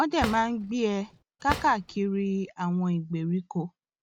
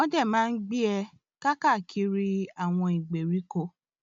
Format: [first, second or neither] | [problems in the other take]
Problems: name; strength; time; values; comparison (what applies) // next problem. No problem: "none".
second | background sound (Drawer open or close); 10 dB below the speech